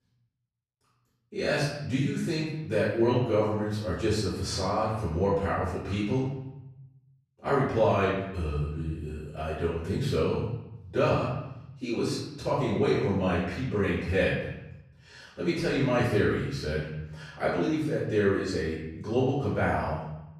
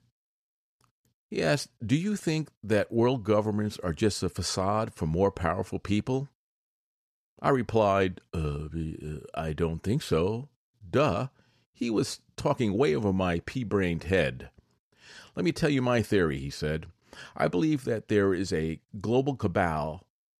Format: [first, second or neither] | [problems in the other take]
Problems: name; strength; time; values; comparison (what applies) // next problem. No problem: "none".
second | off-mic speech; far // room echo; noticeable; dies away in 0.8 s